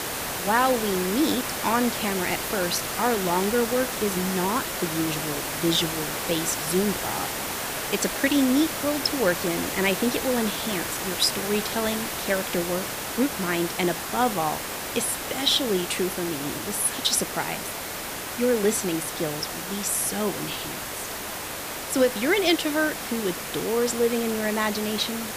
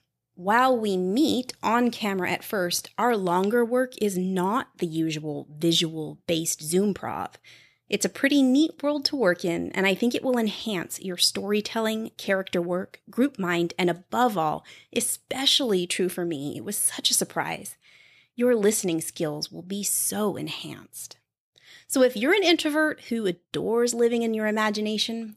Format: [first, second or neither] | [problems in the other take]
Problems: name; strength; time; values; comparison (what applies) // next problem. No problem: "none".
second | hiss; loud; throughout; 4 dB below the speech